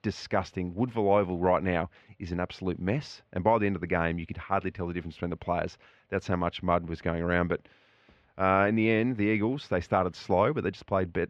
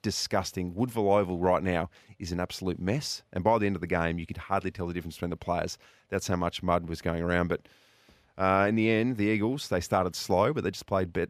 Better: second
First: muffled; slightly; fading above 2.5 kHz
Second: none

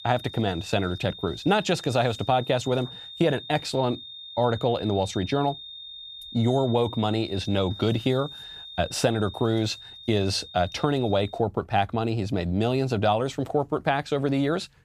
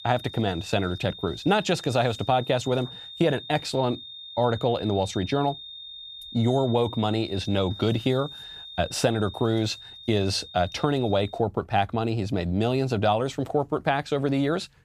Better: neither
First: high-pitched whine; noticeable; until 11 s; 3.5 kHz, 15 dB below the speech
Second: high-pitched whine; noticeable; until 11 s; 3.5 kHz, 15 dB below the speech

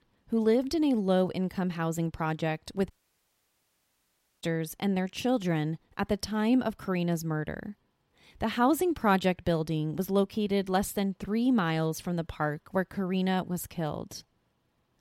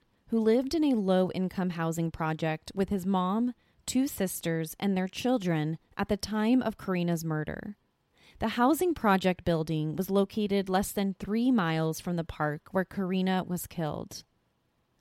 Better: second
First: audio cutting out; at 3 s for 1.5 s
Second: none

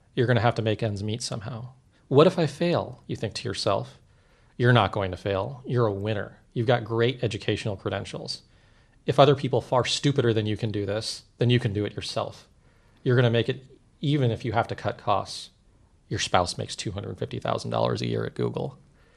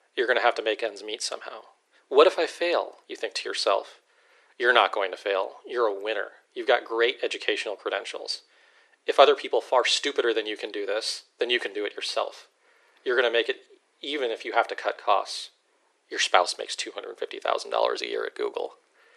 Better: first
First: none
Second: thin; very; fading below 350 Hz

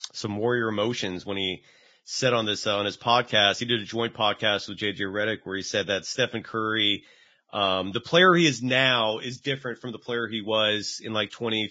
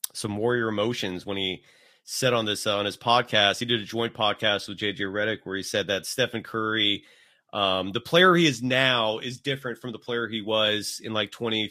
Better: second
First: garbled, watery; badly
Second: garbled, watery; slightly; nothing above 15 kHz

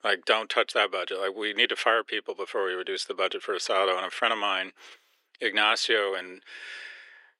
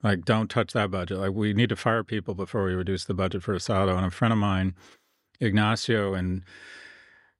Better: second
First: thin; very; fading below 400 Hz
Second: none

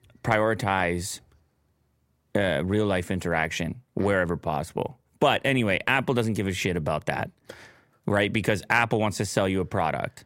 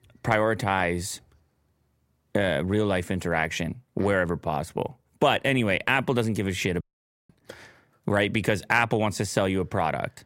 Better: first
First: none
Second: audio cutting out; at 7 s

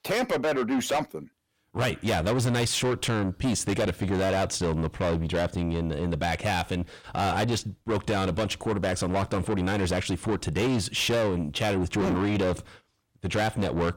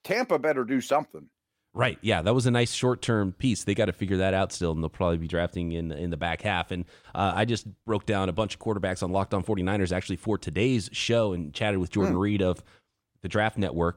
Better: second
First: distortion; heavy; 6 dB below the speech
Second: none

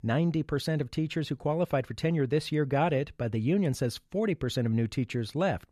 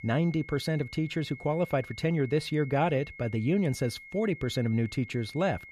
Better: first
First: none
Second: high-pitched whine; noticeable; throughout; 2 kHz, 15 dB below the speech

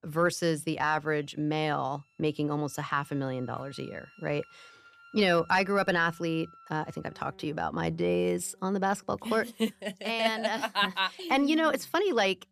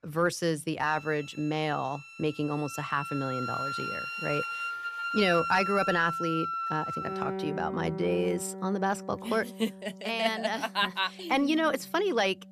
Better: first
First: background music; faint; throughout; 25 dB below the speech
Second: background music; loud; throughout; 5 dB below the speech

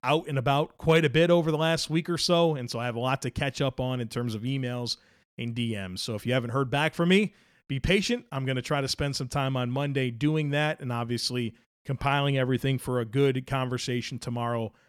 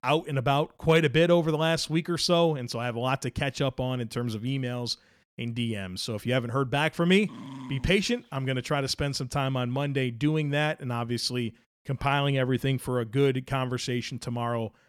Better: first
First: none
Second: dog barking; faint; at 7.5 s; peak 15 dB below the speech

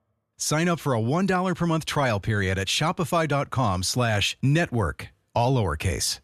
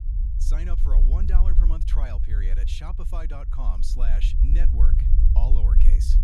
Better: first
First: none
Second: low rumble; loud; throughout; 3 dB below the speech

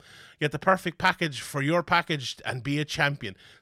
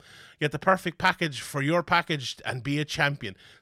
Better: neither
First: none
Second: none

